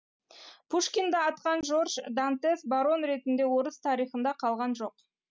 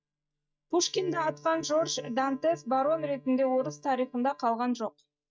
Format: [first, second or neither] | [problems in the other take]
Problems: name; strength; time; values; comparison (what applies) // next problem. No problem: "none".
first | noise reduction (neural mask model DeepFilterNet 3)